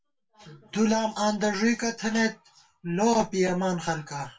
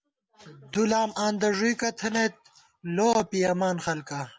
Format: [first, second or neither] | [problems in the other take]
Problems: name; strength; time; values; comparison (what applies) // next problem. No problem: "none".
second | room echo; dies away in 0.2 s